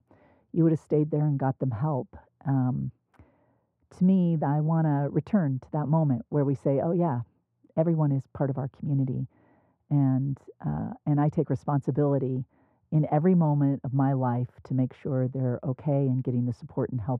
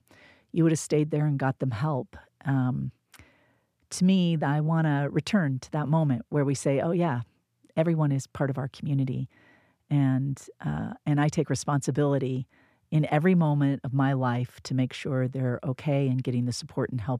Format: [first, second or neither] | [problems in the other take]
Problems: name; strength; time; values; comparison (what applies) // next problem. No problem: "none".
second | muffled; very; fading above 2 kHz